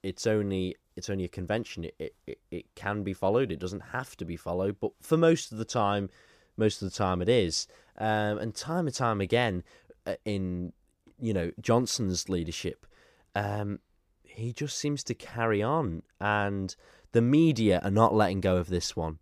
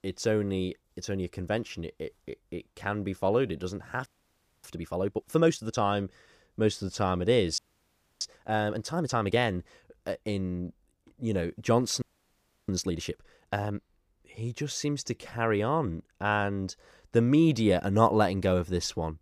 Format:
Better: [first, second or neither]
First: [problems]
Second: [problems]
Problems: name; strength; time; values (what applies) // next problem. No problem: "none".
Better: first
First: none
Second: audio freezing; at 4 s for 0.5 s, at 7.5 s for 0.5 s and at 12 s for 0.5 s